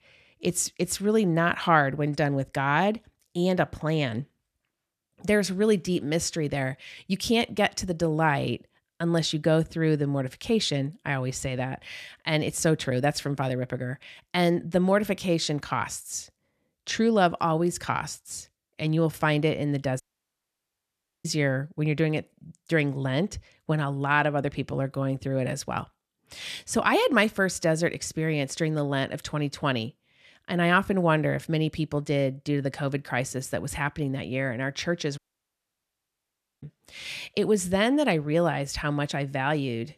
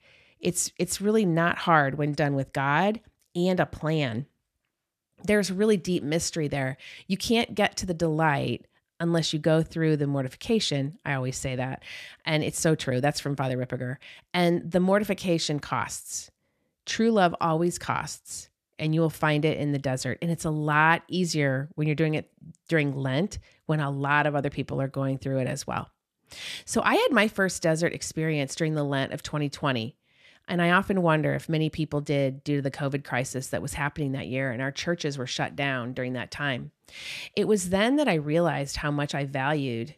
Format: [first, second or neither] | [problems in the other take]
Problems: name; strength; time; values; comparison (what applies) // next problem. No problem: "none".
second | audio cutting out; at 20 s for 1 s and at 35 s for 1.5 s